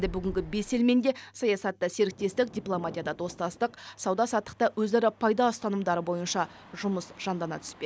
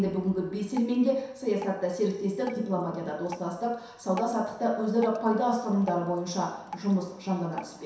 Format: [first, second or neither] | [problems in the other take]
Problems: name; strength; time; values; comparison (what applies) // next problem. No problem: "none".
first | background sound (Drip); 19 dB below the speech // room echo; dies away in 0.7 s